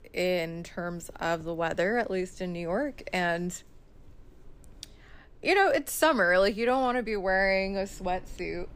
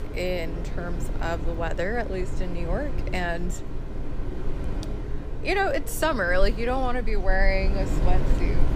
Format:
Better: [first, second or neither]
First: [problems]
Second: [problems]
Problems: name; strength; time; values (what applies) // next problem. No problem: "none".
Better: first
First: wind in the background; faint; throughout; 25 dB below the speech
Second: wind in the background; loud; throughout; 3 dB below the speech